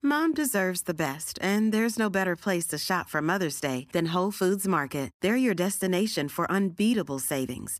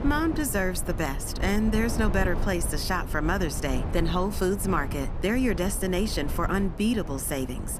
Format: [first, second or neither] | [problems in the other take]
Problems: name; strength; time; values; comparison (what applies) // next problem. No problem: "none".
first | low rumble; noticeable; throughout; 10 dB below the speech